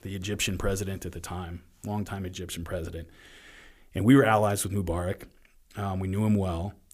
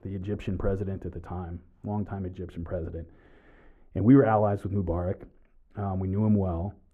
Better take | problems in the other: first | muffled; very; fading above 2.5 kHz

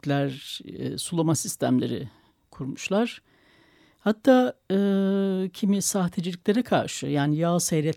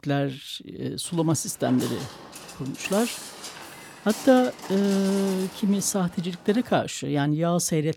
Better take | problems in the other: first | footsteps; noticeable; from 1 to 7 s; peak 8 dB below the speech

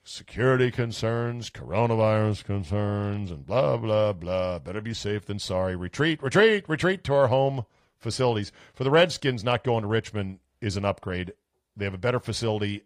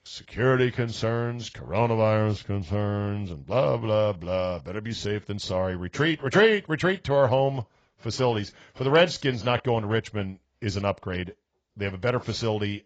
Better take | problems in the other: first | garbled, watery; badly; nothing above 7.5 kHz; slightly in the first

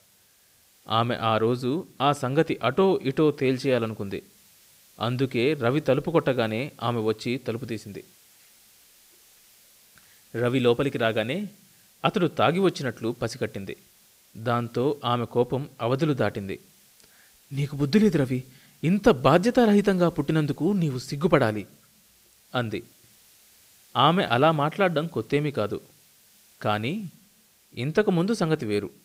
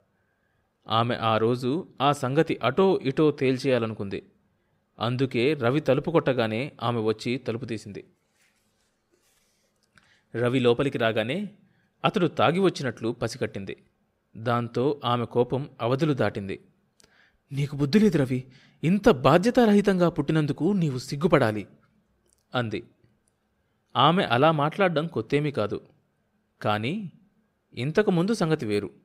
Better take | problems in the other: second | hiss; faint; throughout; 30 dB below the speech

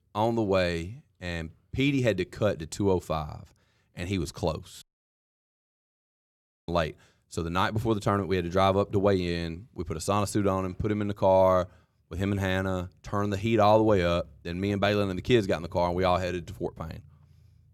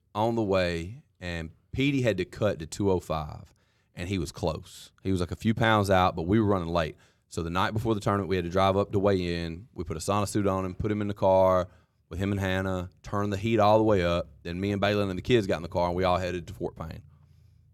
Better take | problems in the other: second | audio cutting out; at 5 s for 2 s

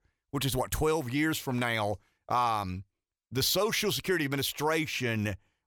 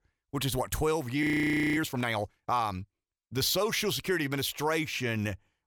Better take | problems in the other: first | audio freezing; at 1 s for 0.5 s

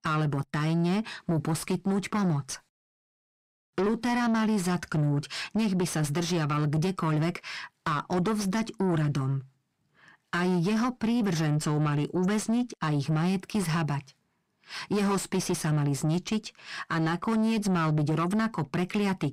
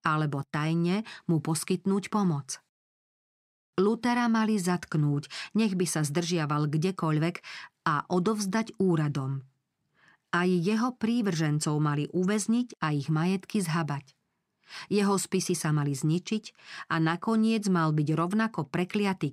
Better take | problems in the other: second | distortion; slight; 10 dB below the speech

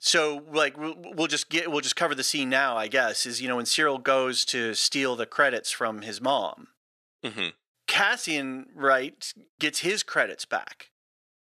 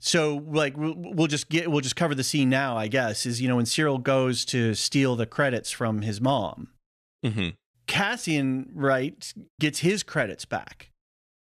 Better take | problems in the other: second | thin; somewhat; fading below 400 Hz

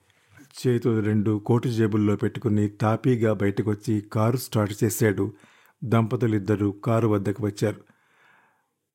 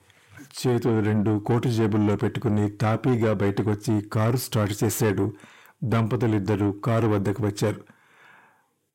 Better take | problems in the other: first | distortion; slight; 10 dB below the speech

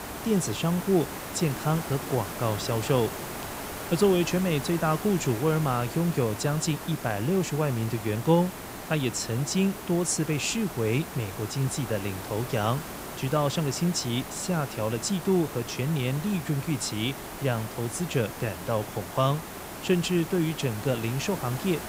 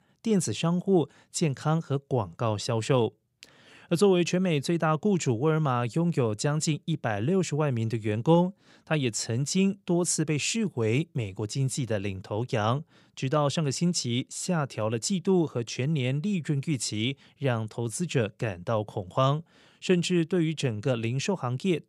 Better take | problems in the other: second | hiss; loud; throughout; 9 dB below the speech

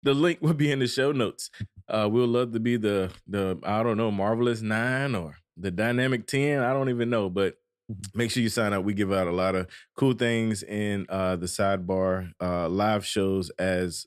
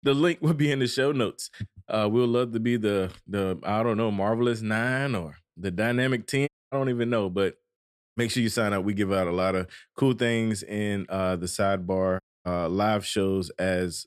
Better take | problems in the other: first | audio cutting out; at 6.5 s, at 8 s and at 12 s

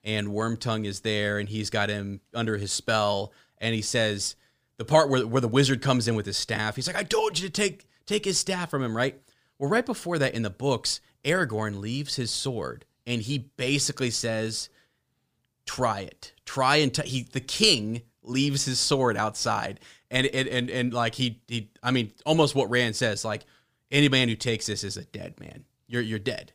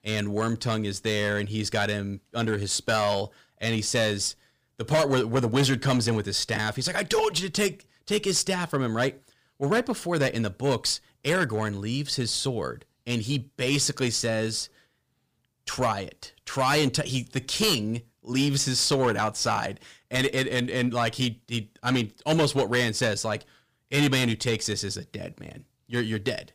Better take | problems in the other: first | distortion; slight; 4% of the sound clipped

